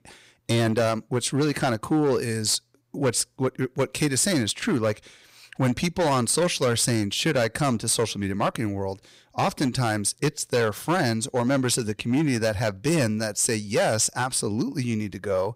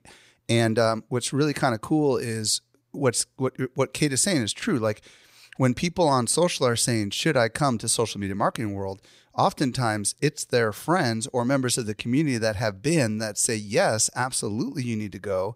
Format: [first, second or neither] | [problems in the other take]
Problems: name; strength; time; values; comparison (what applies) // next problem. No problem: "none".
second | distortion; slight; 8% of the sound clipped